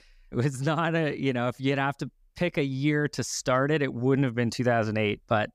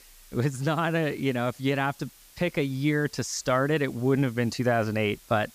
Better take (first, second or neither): first